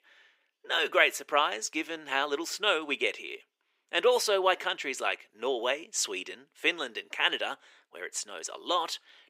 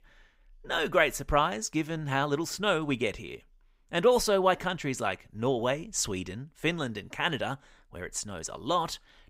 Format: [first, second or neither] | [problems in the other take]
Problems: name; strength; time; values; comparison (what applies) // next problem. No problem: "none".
second | thin; somewhat; fading below 350 Hz